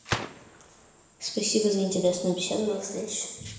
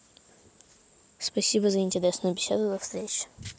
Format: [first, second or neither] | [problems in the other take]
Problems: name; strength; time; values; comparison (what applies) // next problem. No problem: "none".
second | background sound (Gunshot, gunfire); 12 dB below the speech // room echo; dies away in 1 s